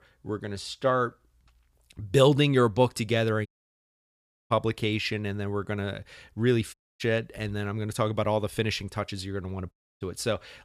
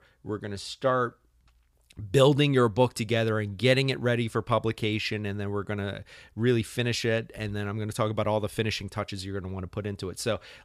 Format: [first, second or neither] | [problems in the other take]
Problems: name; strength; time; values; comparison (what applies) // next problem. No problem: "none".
second | audio cutting out; at 3.5 s for 1 s, at 6.5 s and at 9.5 s